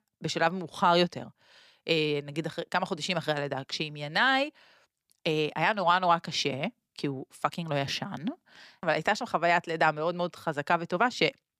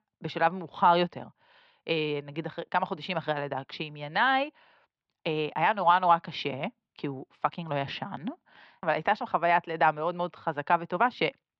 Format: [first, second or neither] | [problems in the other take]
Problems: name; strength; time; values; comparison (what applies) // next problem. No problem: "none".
first | muffled; slightly; fading above 3.5 kHz